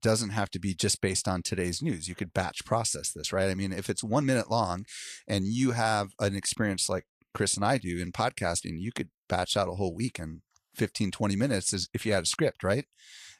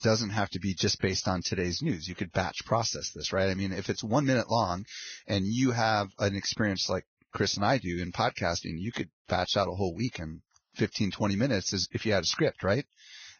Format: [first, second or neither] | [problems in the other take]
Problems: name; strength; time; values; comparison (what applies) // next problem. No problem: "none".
first | garbled, watery; badly; nothing above 6.5 kHz; slightly in the first